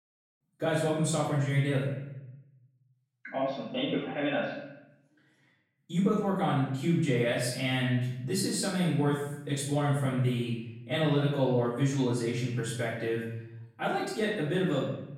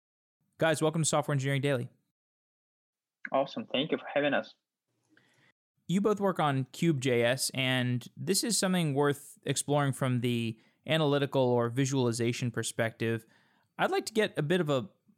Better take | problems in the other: second | off-mic speech; far // room echo; noticeable; dies away in 0.9 s

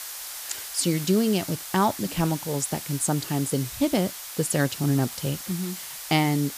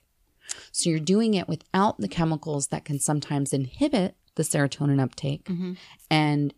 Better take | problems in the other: second | hiss; loud; throughout; 9 dB below the speech

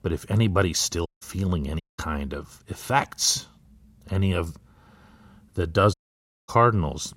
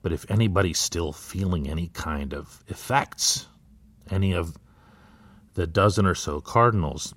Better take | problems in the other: second | audio cutting out; at 1 s, at 2 s and at 6 s for 0.5 s

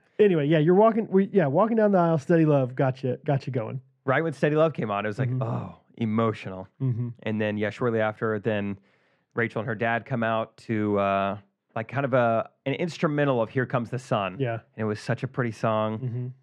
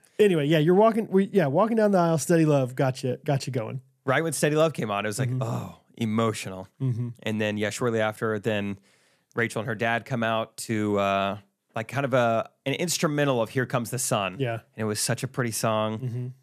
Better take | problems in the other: second | muffled; very; fading above 2.5 kHz

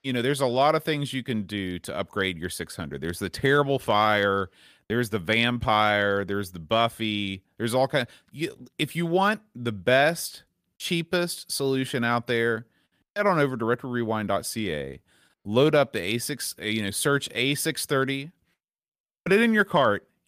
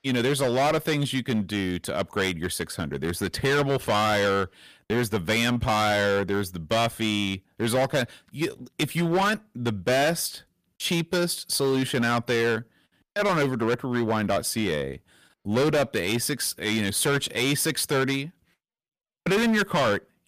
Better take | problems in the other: first | distortion; heavy; 13% of the sound clipped

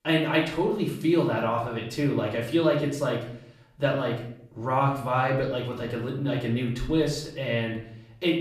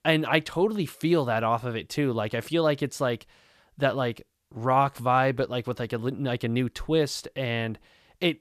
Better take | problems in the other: second | off-mic speech; far // room echo; noticeable; dies away in 0.6 s

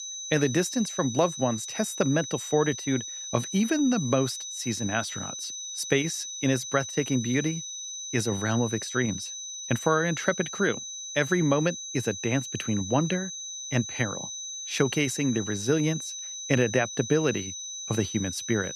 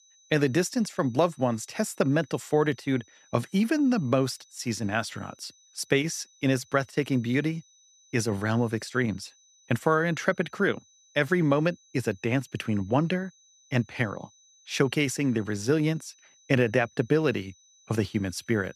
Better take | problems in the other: second | high-pitched whine; loud; throughout; 6 kHz, 7 dB below the speech; faint in the second

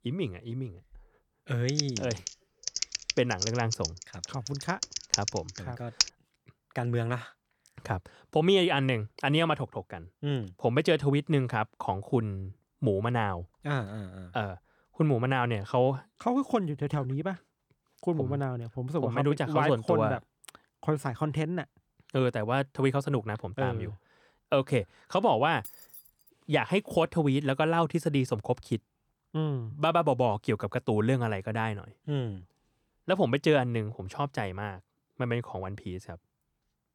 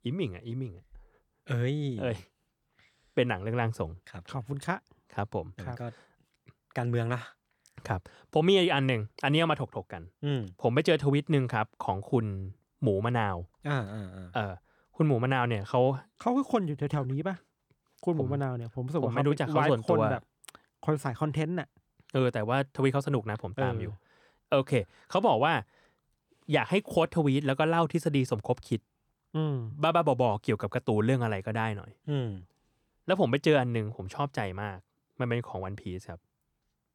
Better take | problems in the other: second | keyboard typing; loud; from 1.5 to 6 s; peak 2 dB above the speech // jangling keys; faint; at 26 s; peak 15 dB below the speech

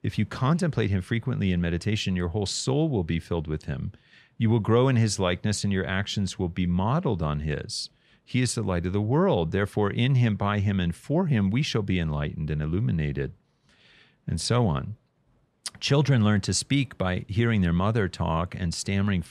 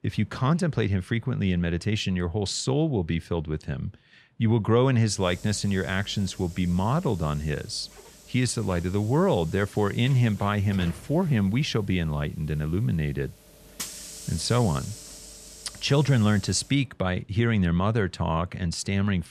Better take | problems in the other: first | hiss; noticeable; from 5 to 17 s; 20 dB below the speech

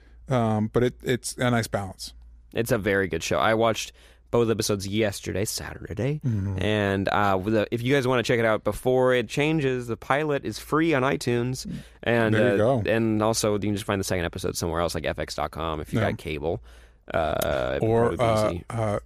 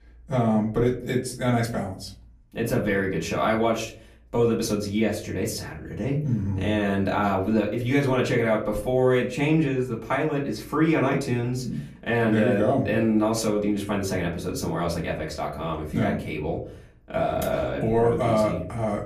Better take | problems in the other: first | off-mic speech; far // room echo; very slight; dies away in 0.4 s

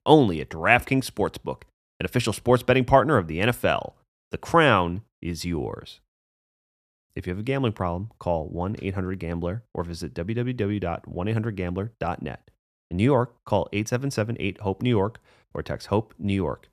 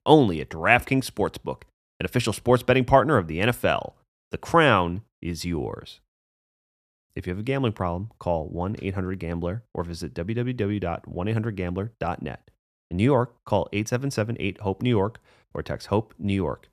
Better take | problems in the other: neither | none

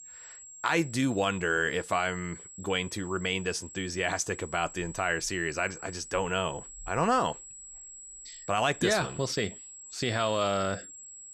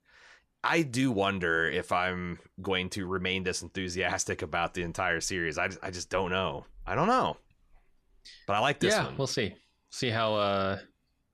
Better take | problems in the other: second | high-pitched whine; noticeable; throughout; 7.5 kHz, 15 dB below the speech

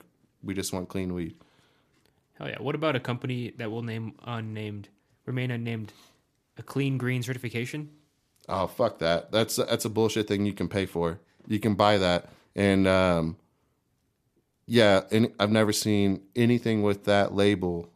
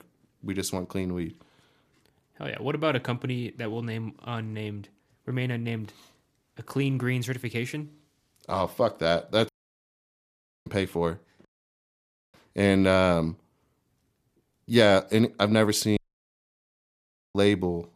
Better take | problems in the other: first | audio cutting out; at 9.5 s for 1 s, at 11 s for 1 s and at 16 s for 1.5 s

